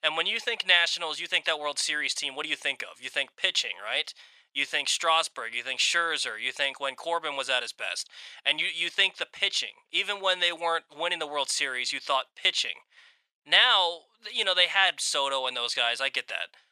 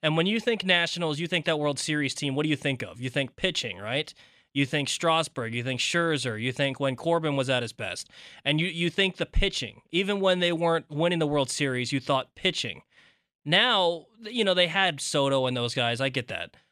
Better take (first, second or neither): second